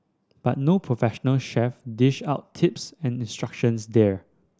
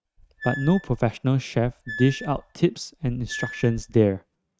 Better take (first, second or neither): first